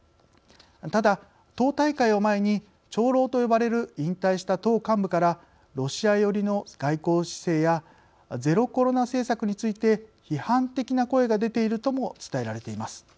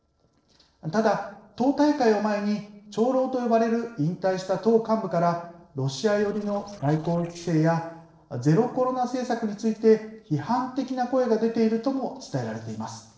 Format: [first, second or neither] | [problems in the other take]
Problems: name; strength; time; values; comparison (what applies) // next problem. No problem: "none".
first | noise reduction (neural separator model SepFormer DNS4)